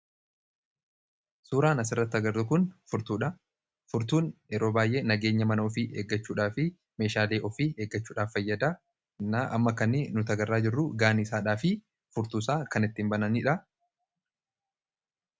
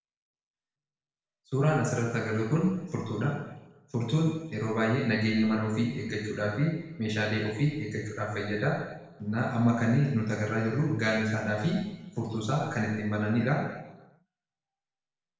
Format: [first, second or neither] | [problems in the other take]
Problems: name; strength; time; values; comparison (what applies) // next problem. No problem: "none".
first | room echo; dies away in 1 s